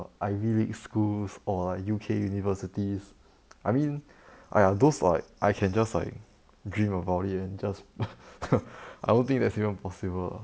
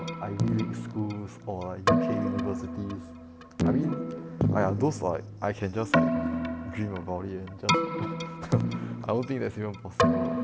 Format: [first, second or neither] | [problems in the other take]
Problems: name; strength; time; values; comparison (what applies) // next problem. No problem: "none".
first | background sound (Keyboard (musical)); 4 dB above the speech